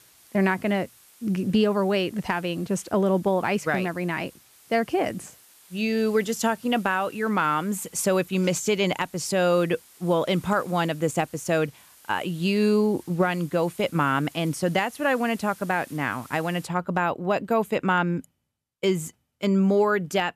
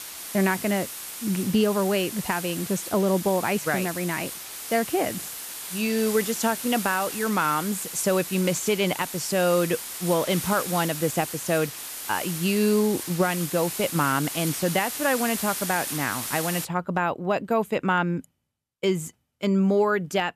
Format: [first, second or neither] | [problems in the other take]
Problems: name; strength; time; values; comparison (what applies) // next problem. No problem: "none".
first | hiss; loud; until 17 s; 7 dB below the speech; faint in the first